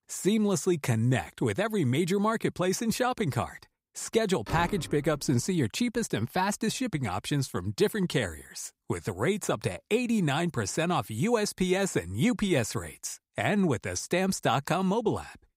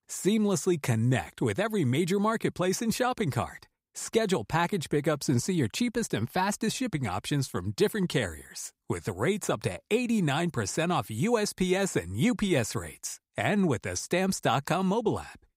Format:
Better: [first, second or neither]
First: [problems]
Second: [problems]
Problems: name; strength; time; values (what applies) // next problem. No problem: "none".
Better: second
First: door banging; noticeable; at 4.5 s; peak 10 dB below the speech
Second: none